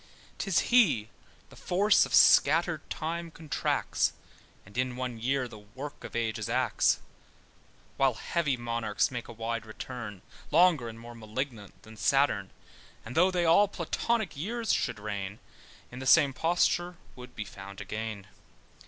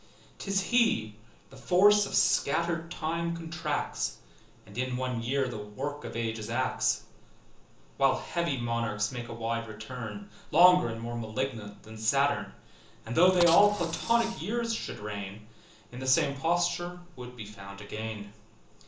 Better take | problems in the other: first | background sound (Bicycle); 10 dB below the speech // room echo; dies away in 0.8 s

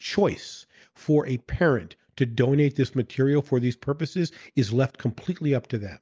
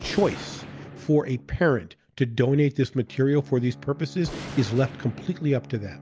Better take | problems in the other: first | background sound (Gunshot, gunfire + Bowed string instrument); 15 dB below the speech

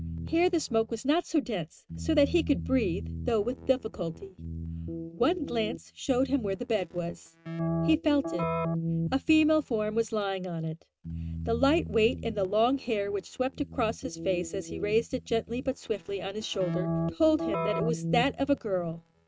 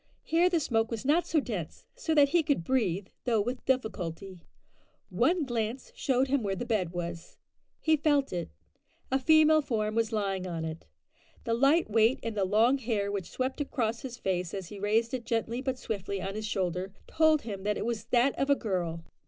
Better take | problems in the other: second | noise reduction (neural mask model RNNoise)

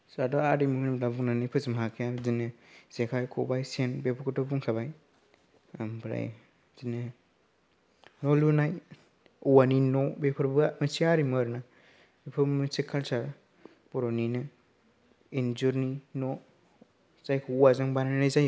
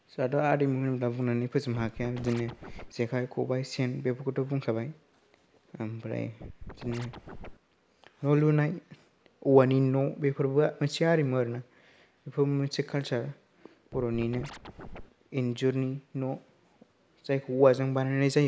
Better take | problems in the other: first | background sound (Scratching (performance technique)); 14 dB below the speech

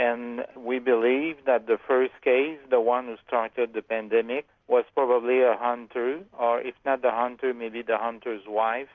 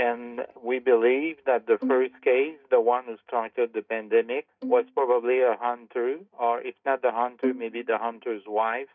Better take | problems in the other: first | noise reduction (neural mask model DeepFilterNet 3)

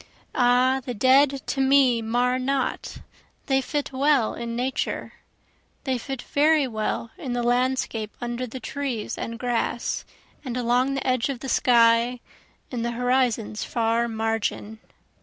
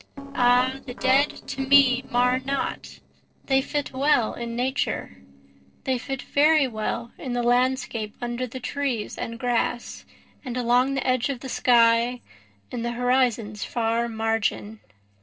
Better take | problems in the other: first | noise reduction (neural separator model SepFormer DNS4)

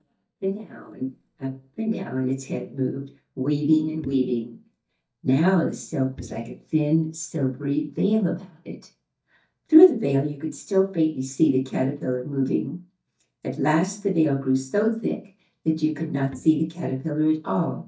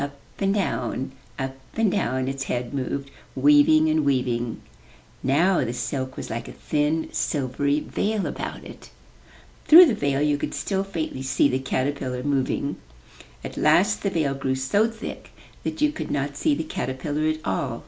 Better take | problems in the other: second | noise reduction (neural mask model DeepFilterNet 3)

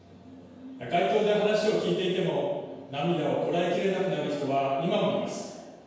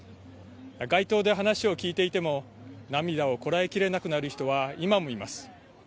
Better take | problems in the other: second | room echo; dies away in 1.2 s

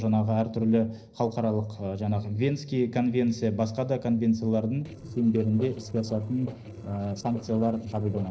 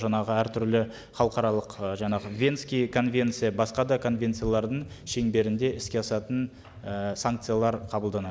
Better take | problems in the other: second | noise reduction (neural separator model SepFormer DNS4)

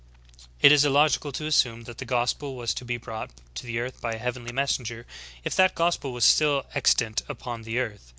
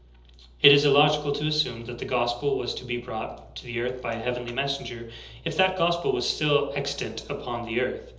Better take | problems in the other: first | room echo; dies away in 1.2 s

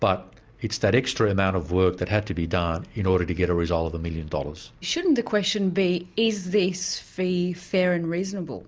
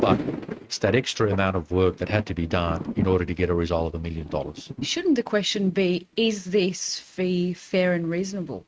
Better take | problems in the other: first | noise reduction (neural mask model RNNoise)

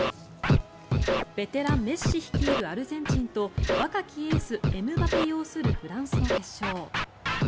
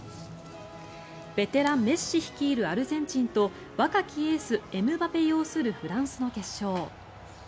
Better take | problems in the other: second | background sound (Scratching (performance technique)); 4 dB above the speech

